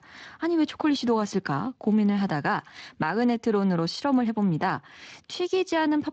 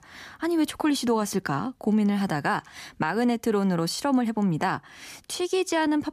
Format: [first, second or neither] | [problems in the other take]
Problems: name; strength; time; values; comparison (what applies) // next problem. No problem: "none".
second | garbled, watery; slightly; nothing above 7.5 kHz